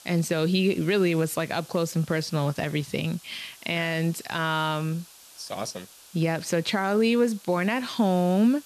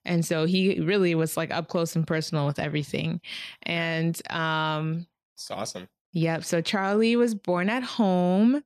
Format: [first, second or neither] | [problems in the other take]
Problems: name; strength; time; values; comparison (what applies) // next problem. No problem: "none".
second | hiss; faint; throughout; 20 dB below the speech